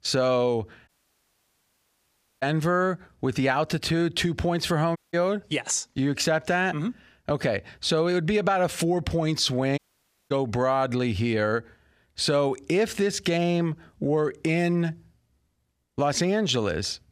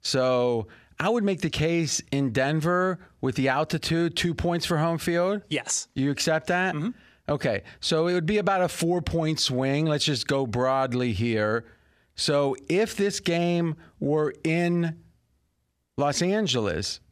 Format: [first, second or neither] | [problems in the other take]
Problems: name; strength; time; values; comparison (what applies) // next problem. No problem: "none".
second | audio cutting out; at 1 s for 1.5 s, at 5 s and at 10 s for 0.5 s